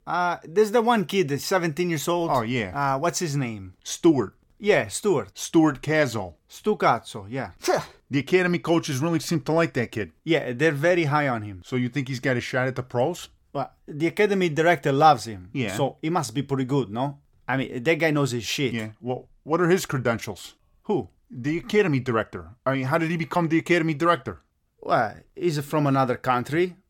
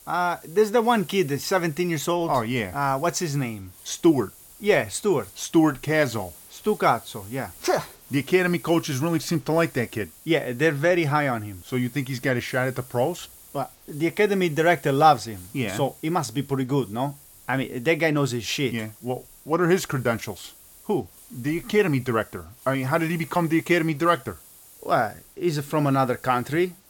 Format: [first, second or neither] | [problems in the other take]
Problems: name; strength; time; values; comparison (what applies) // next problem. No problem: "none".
first | hiss; faint; throughout; 20 dB below the speech